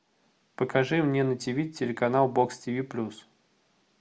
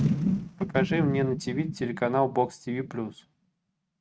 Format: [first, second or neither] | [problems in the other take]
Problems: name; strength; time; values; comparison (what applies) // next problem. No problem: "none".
first | noise reduction (neural mask model RNNoise)